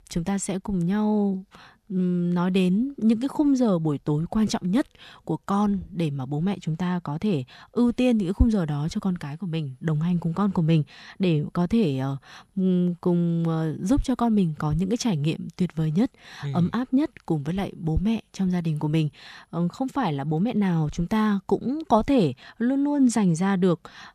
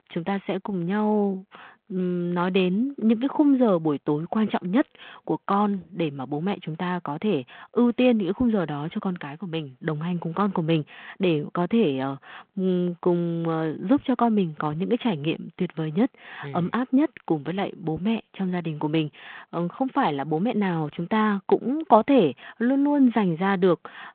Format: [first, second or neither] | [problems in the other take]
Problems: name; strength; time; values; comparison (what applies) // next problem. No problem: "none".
first | phone-call audio; nothing above 8 kHz